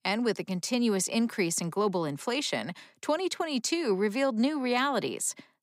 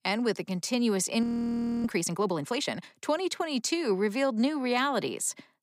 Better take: first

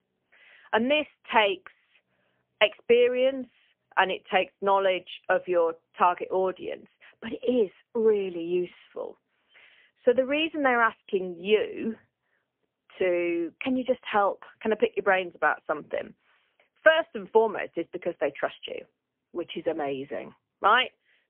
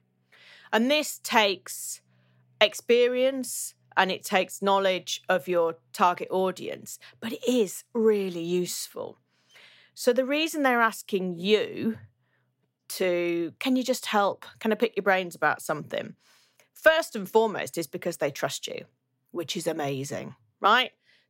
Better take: second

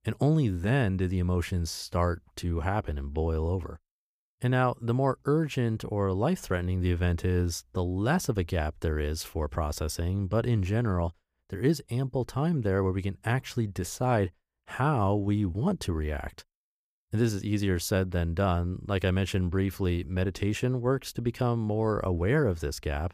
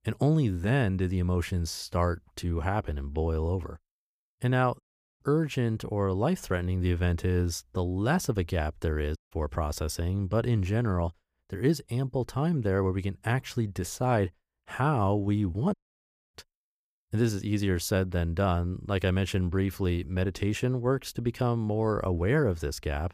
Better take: first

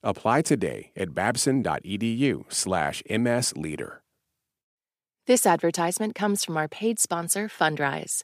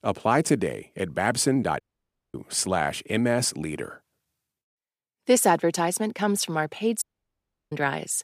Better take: first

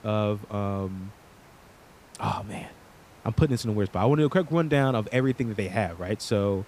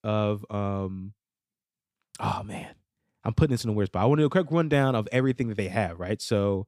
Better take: second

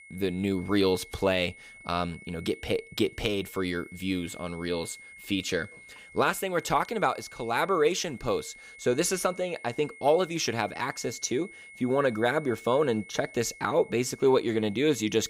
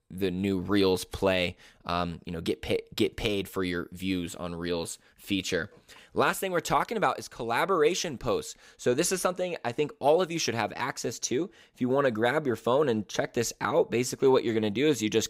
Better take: second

